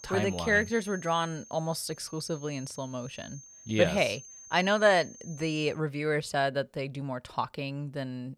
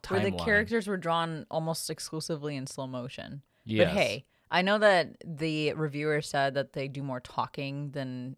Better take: second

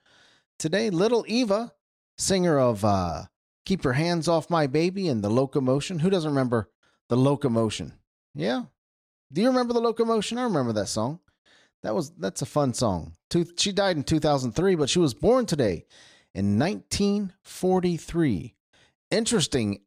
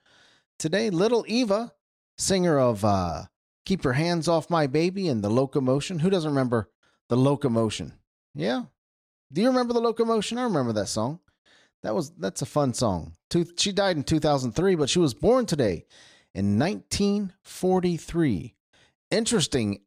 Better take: neither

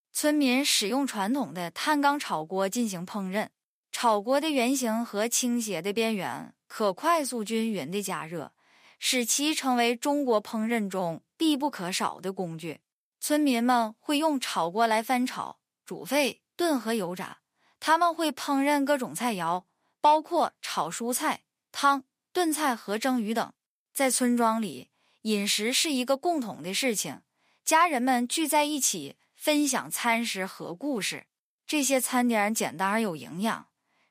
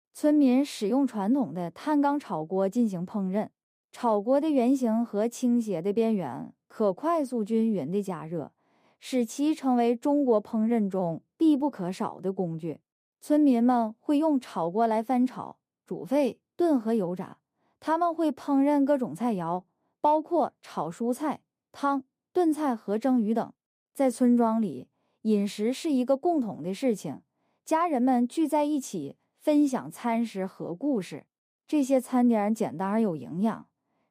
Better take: first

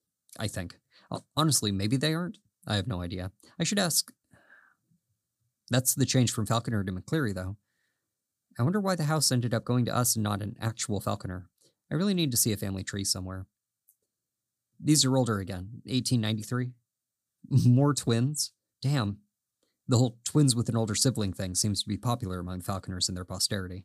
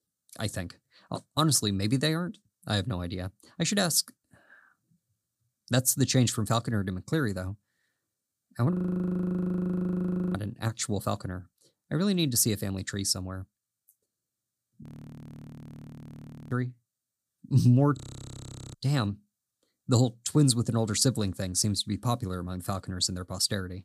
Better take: first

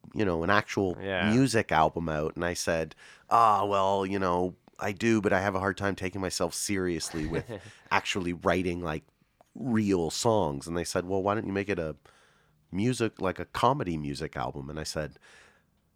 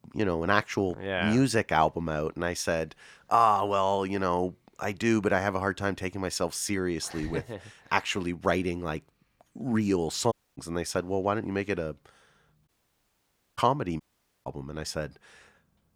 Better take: first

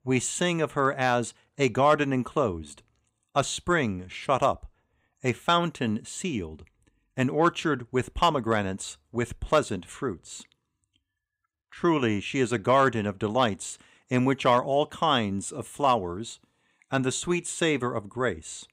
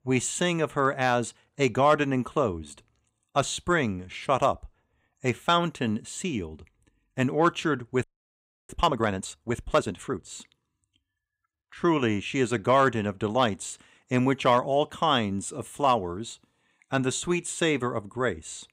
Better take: first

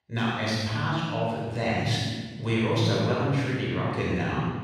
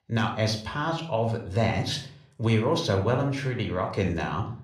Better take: second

